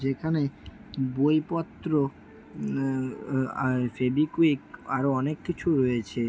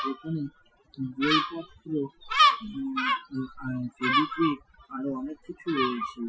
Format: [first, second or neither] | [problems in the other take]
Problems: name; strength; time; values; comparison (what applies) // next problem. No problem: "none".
first | noise reduction (classical method Wiener filter)